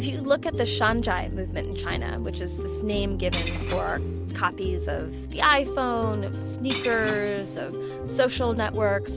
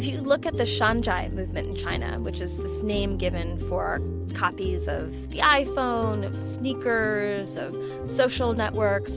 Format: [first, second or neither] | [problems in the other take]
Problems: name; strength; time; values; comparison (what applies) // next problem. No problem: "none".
second | background sound (Shatter / Crushing); 14 dB below the speech